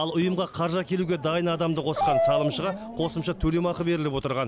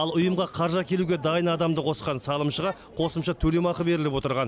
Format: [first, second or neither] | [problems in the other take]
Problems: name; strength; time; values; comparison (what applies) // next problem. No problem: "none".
second | background sound (Dog); 3 dB below the speech